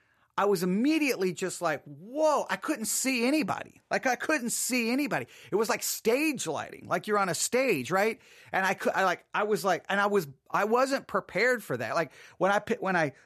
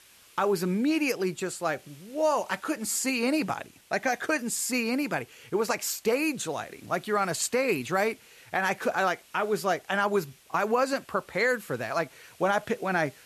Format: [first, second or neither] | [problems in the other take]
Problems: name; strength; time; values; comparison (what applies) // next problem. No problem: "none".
first | hiss; faint; throughout; 25 dB below the speech